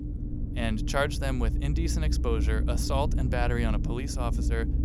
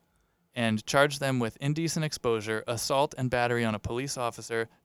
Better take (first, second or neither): second